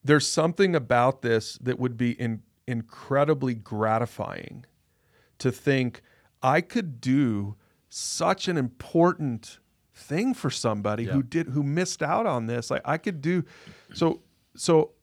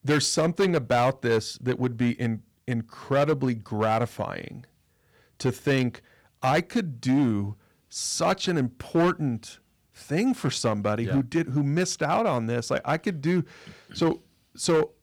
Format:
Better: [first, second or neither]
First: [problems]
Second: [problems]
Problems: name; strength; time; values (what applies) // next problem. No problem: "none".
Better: first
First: none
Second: distortion; slight; 5% of the sound clipped